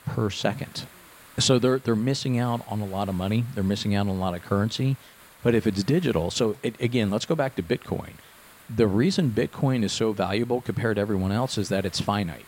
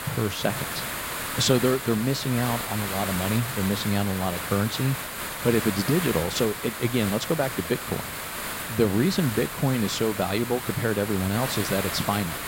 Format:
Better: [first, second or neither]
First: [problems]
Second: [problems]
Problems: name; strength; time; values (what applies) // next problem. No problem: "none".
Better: first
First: hiss; faint; throughout; 25 dB below the speech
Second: hiss; loud; throughout; 5 dB below the speech